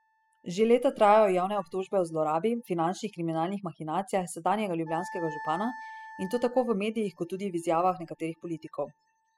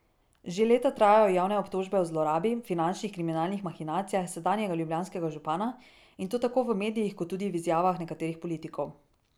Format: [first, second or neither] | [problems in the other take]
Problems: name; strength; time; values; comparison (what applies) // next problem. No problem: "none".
second | noise reduction (classical method spectral subtraction)